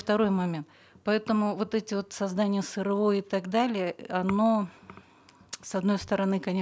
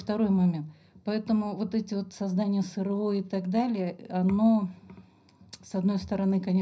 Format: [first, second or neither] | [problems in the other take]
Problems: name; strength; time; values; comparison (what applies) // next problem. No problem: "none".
first | room echo; dies away in 0.5 s